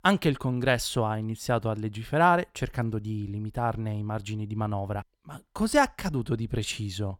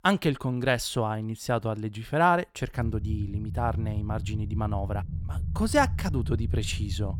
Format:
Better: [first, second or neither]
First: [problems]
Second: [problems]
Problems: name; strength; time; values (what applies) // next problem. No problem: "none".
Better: first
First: none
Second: low rumble; noticeable; from 3 s on; 20 dB below the speech